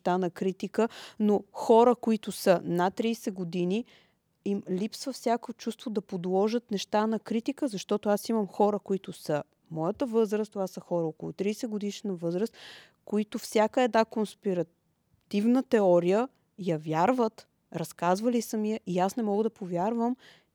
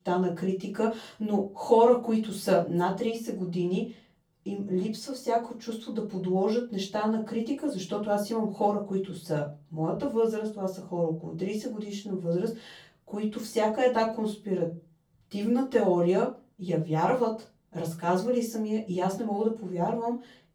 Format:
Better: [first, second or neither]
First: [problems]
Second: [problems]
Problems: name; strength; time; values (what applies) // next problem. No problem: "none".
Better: first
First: none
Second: off-mic speech; far // room echo; slight; dies away in 0.3 s